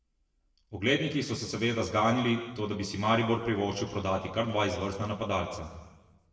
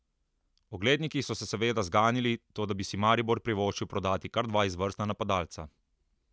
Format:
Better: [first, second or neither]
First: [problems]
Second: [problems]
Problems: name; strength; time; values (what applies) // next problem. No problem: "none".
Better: second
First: room echo; dies away in 1.1 s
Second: none